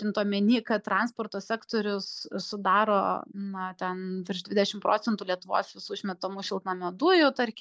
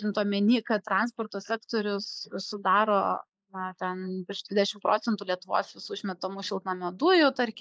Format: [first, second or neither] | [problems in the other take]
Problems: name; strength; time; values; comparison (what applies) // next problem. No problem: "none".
first | noise reduction (neural mask model Resemble Enhance denoiser)